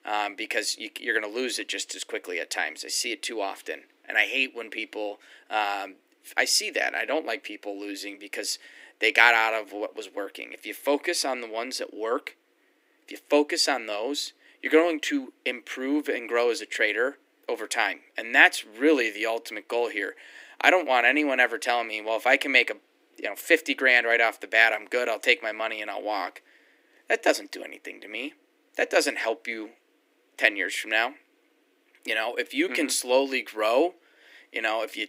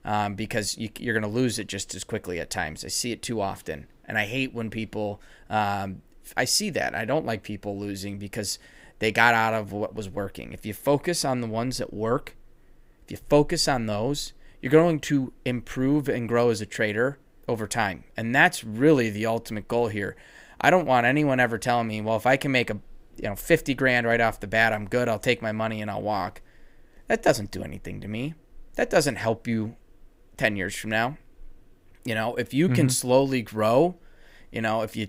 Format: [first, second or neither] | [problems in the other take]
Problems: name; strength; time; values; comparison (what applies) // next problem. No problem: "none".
second | thin; somewhat; fading below 300 Hz